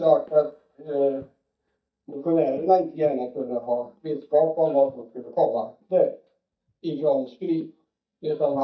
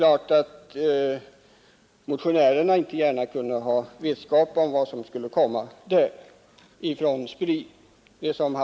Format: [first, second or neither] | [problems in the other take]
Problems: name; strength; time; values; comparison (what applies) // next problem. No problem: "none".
second | noise reduction (neural mask model DeepFilterNet 3)